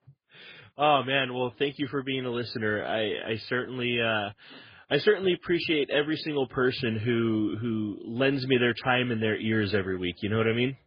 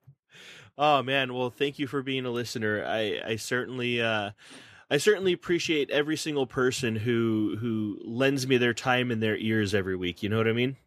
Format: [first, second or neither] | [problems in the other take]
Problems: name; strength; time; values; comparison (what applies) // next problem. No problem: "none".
second | garbled, watery; badly; nothing above 4.5 kHz